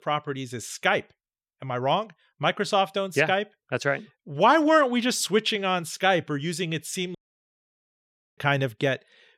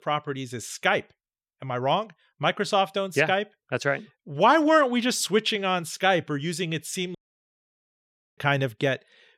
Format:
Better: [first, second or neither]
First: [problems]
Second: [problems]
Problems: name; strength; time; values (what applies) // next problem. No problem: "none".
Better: neither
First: audio cutting out; at 7 s for 1 s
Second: audio cutting out; at 7 s for 1 s